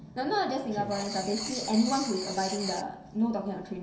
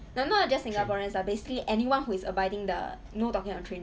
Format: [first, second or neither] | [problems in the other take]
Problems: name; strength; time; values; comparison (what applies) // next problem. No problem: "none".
second | background sound (Writing); 10 dB below the speech // room echo; dies away in 0.7 s